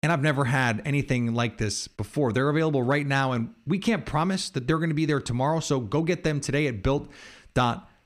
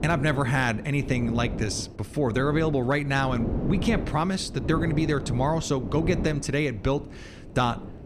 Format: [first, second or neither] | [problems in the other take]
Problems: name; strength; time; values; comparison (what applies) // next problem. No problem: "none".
first | wind noise on the microphone; occasional gusts; 10 dB below the speech